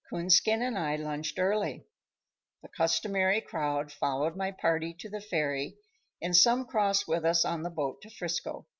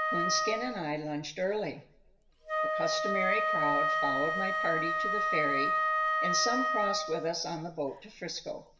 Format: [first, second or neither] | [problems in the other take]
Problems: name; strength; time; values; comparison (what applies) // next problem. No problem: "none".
first | background sound (Wind instrument, woodwind instrument); 3 dB above the speech // room echo; dies away in 0.6 s